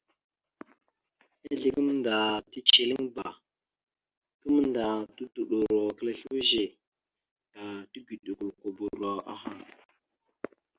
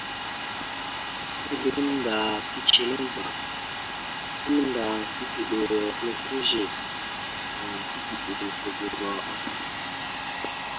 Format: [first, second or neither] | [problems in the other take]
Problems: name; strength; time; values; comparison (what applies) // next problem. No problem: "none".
first | background sound (Domestic sounds, home sounds); 3 dB below the speech